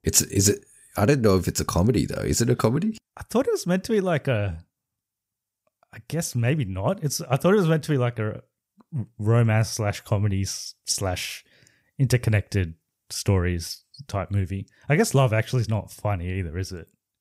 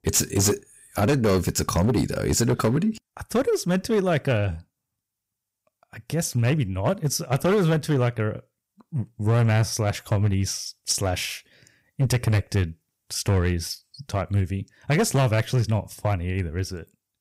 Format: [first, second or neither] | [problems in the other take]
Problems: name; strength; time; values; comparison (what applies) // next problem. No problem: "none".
first | distortion; slight; 7% of the sound clipped